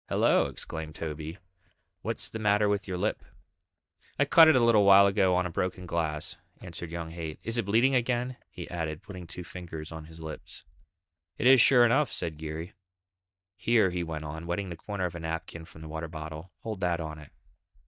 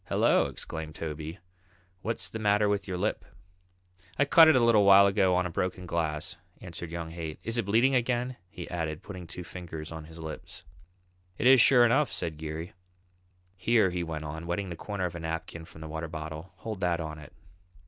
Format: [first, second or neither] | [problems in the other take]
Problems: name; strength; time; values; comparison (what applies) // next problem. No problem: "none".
second | noise reduction (neural mask model DeepFilterNet 3)